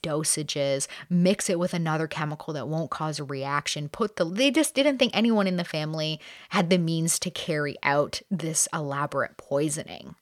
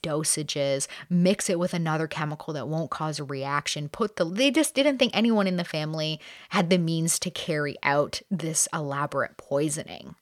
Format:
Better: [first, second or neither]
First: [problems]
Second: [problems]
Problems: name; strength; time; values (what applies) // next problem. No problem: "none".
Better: neither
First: none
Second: none